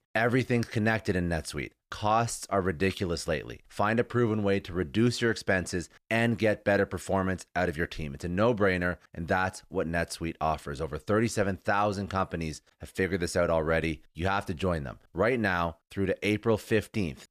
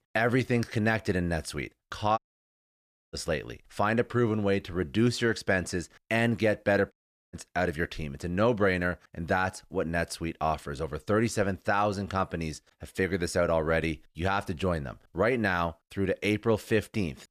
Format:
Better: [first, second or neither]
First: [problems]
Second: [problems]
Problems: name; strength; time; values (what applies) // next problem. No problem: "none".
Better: first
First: none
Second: audio cutting out; at 2 s for 1 s and at 7 s